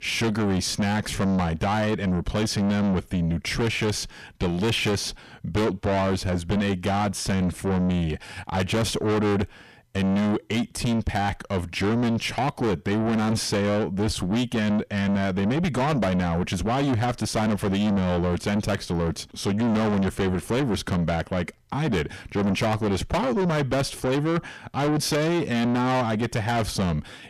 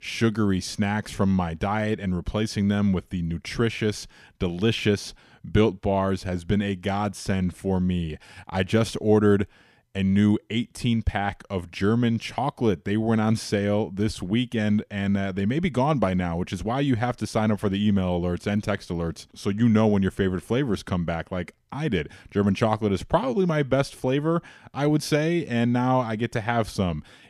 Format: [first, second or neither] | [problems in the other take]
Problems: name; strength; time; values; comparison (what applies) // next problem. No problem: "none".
second | distortion; heavy; 6 dB below the speech